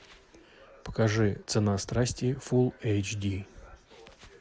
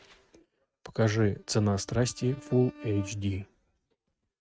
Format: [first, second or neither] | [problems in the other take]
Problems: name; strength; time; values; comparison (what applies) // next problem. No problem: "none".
first | noise reduction (neural mask model RNNoise)